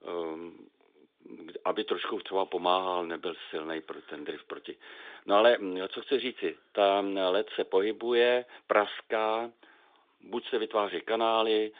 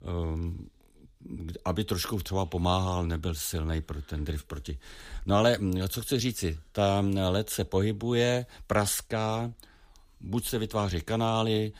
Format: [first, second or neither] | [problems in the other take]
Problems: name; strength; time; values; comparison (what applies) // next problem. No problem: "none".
second | phone-call audio; nothing above 3.5 kHz